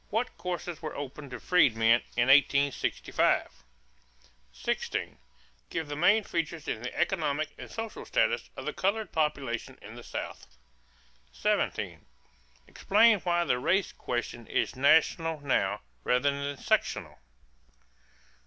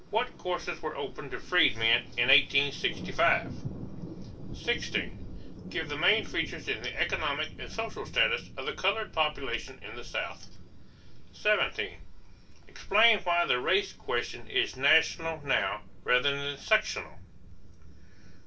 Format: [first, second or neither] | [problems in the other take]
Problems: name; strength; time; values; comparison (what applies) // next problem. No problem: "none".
first | background sound (Thunder); 15 dB below the speech // room echo; dies away in 0.2 s